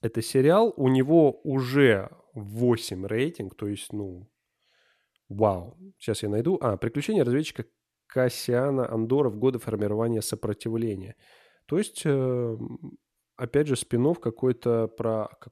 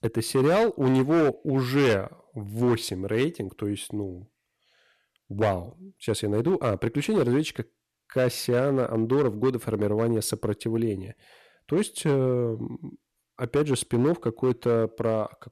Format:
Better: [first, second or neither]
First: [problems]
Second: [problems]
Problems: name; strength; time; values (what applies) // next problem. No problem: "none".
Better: first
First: none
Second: distortion; slight; 7% of the sound clipped